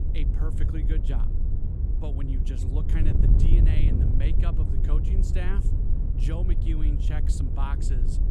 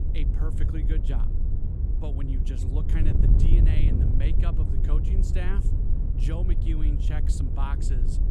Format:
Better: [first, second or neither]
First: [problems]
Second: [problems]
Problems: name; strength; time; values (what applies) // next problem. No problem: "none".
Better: neither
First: wind noise on the microphone; heavy; 1 dB below the speech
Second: wind noise on the microphone; heavy; 1 dB below the speech